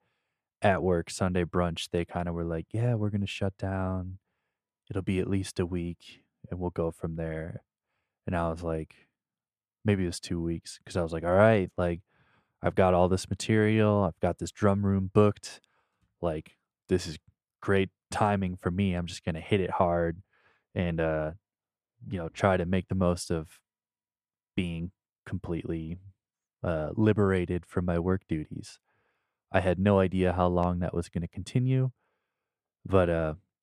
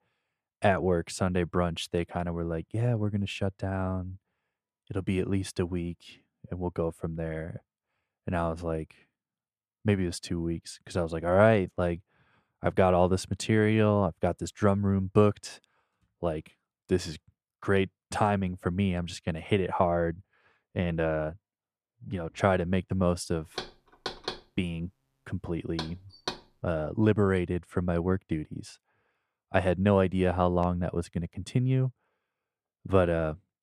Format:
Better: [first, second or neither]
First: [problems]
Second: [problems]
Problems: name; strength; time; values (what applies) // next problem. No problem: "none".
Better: first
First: none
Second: door banging; noticeable; from 24 to 26 s; peak 7 dB below the speech